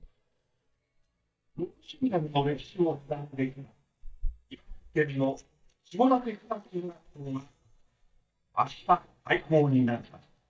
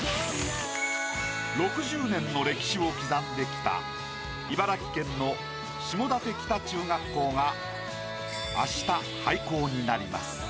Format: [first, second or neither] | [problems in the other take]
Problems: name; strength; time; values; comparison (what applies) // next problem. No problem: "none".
second | noise reduction (neural mask model DeepFilterNet 3)